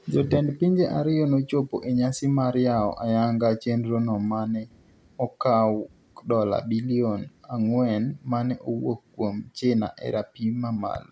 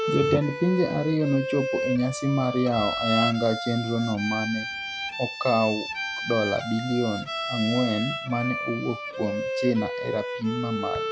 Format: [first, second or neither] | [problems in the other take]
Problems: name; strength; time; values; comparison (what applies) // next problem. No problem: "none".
first | background sound (Bowed string instrument); 5 dB below the speech